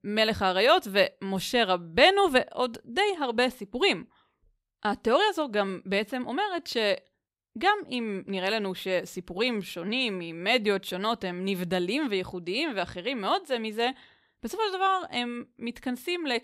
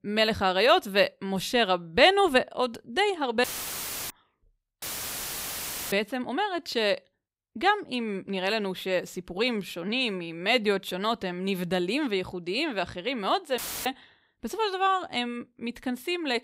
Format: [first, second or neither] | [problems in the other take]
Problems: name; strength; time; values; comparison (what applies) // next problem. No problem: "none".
first | audio cutting out; filled with static; at 3.5 s for 0.5 s, at 5 s for 1 s and at 14 s